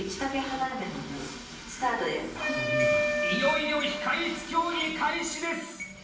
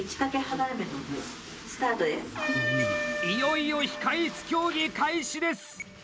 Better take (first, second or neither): second